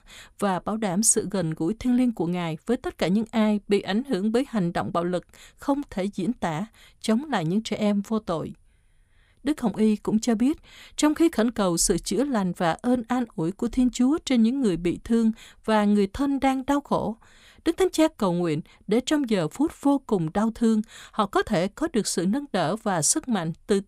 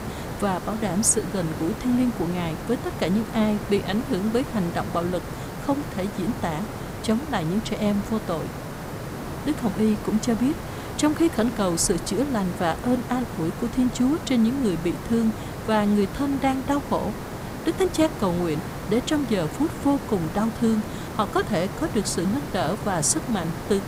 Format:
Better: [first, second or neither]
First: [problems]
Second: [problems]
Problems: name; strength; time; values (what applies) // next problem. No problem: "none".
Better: first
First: none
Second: hiss; loud; throughout; 8 dB below the speech